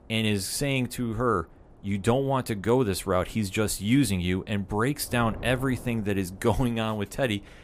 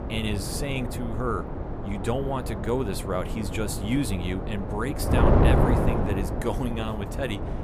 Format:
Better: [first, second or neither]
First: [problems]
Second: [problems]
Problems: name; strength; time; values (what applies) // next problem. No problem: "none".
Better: first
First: wind noise on the microphone; occasional gusts; 25 dB below the speech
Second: wind noise on the microphone; heavy; as loud as the speech